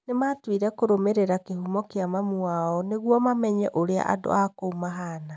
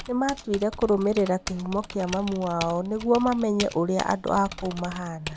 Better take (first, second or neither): first